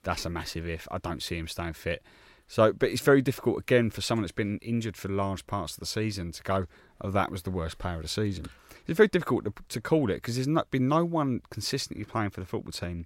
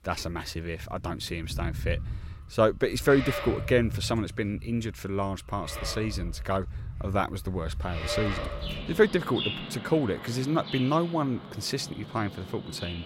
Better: first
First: none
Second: animal sounds; loud; throughout; 8 dB below the speech

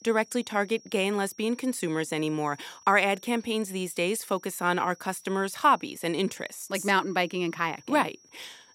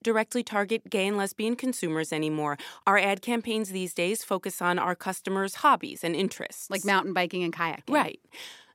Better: second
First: high-pitched whine; faint; throughout; 5.5 kHz, 25 dB below the speech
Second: none

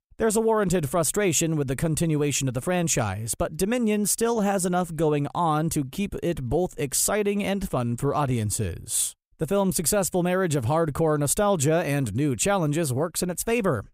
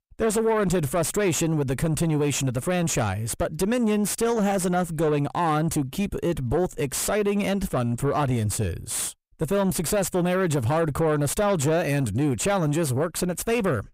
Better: first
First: none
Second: distortion; slight; 10 dB below the speech

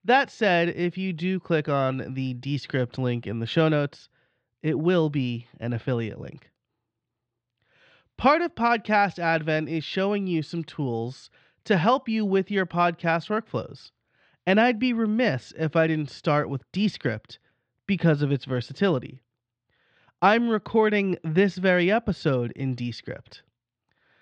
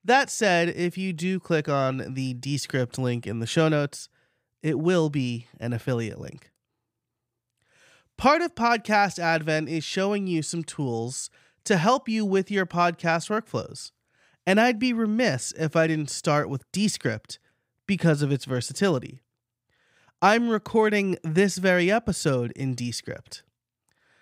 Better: second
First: muffled; slightly; fading above 4 kHz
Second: none

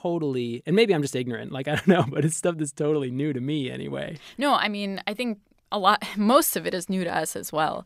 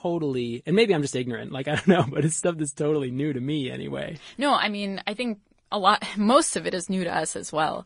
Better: first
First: none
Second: garbled, watery; slightly; nothing above 10.5 kHz

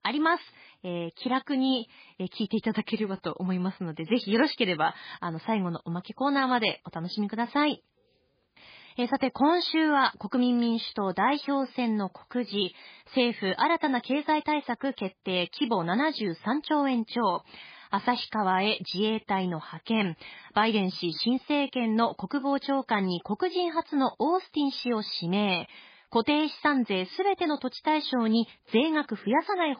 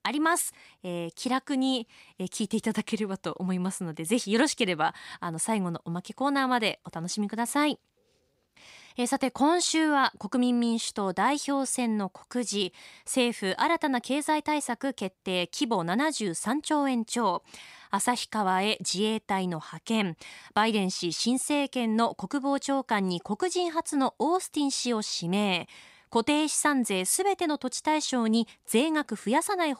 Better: second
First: garbled, watery; badly; nothing above 4 kHz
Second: none

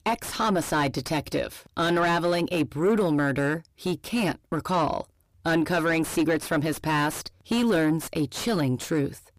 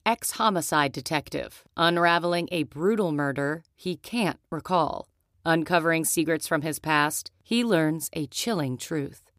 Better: second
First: distortion; heavy; 5 dB below the speech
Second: none

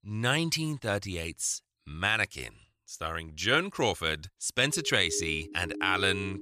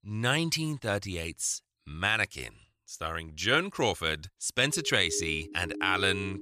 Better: neither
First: siren; noticeable; from 4.5 s on; peak 9 dB below the speech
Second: siren; noticeable; from 4.5 s on; peak 9 dB below the speech

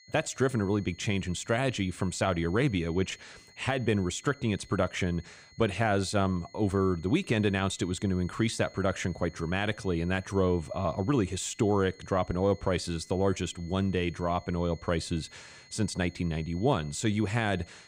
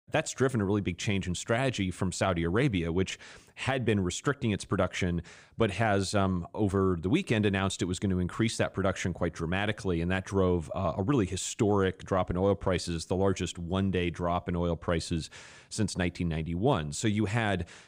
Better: second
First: high-pitched whine; faint; throughout; 2 kHz, 25 dB below the speech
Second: none

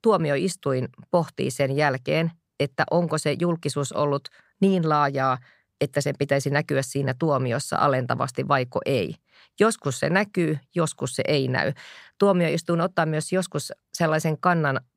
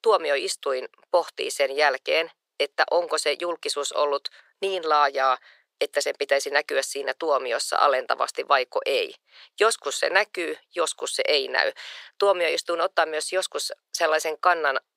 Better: first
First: none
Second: thin; very; fading below 400 Hz

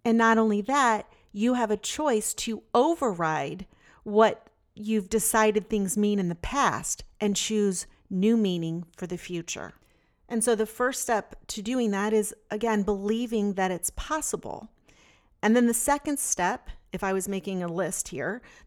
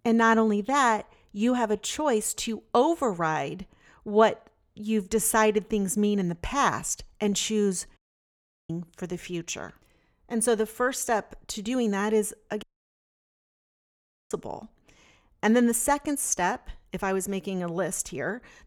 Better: first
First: none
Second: audio cutting out; at 8 s for 0.5 s and at 13 s for 1.5 s

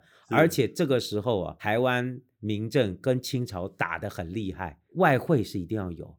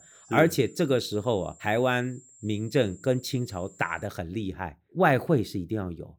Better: first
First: none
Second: high-pitched whine; faint; until 4 s; 7.5 kHz, 25 dB below the speech

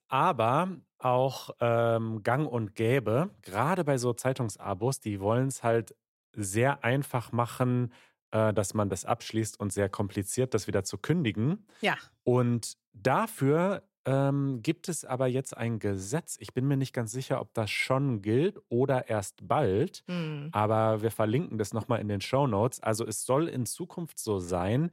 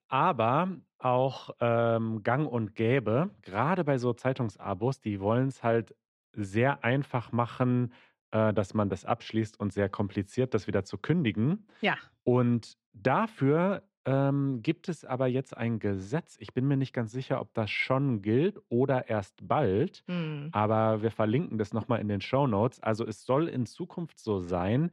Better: first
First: none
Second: muffled; slightly; fading above 3 kHz

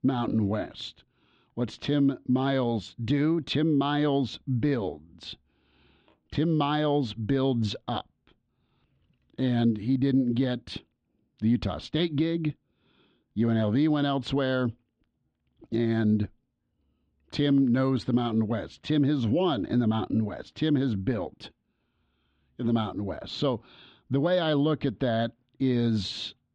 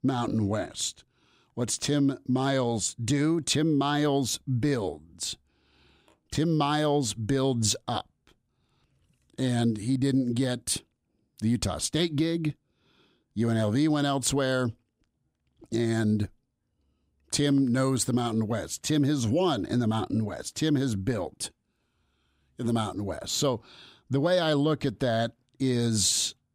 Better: second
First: muffled; slightly; fading above 3.5 kHz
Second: none

